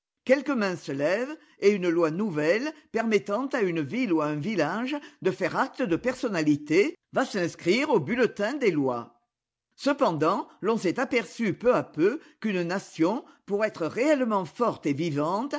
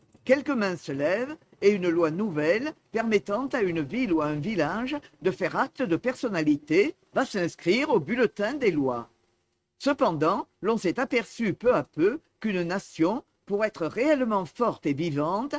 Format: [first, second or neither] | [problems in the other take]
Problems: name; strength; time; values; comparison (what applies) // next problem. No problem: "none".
first | noise reduction (neural mask model RNNoise)